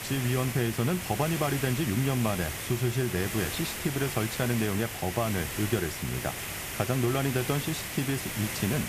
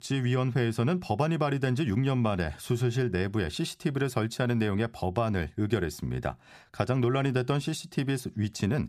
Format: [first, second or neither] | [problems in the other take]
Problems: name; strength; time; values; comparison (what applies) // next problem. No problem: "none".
second | hiss; loud; throughout; 4 dB below the speech